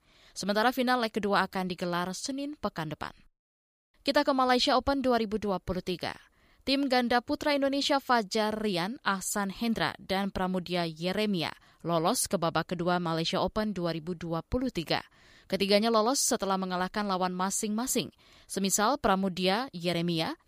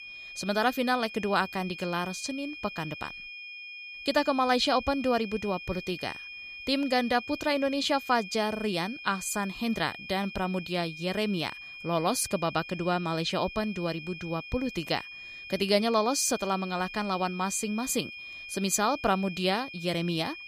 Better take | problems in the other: first | high-pitched whine; noticeable; throughout; 2.5 kHz, 10 dB below the speech

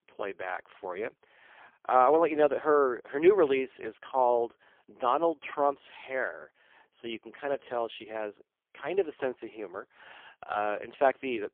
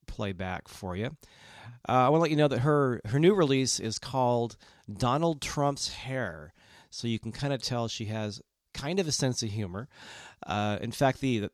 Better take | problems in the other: second | phone-call audio; poor line; nothing above 3.5 kHz

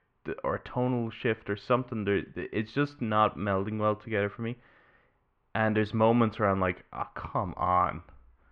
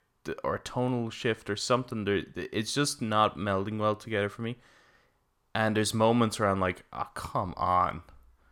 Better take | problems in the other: second | muffled; very; fading above 2.5 kHz

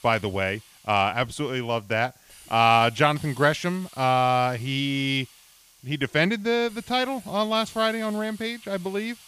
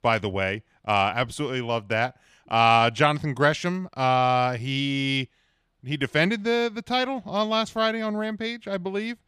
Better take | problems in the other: second | hiss; faint; throughout; 25 dB below the speech

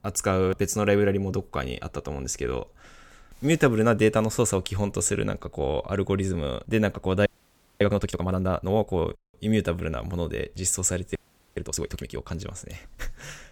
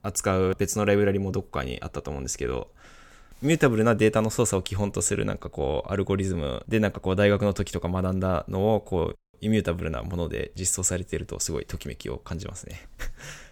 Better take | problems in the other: second | audio freezing; at 7.5 s for 0.5 s and at 11 s

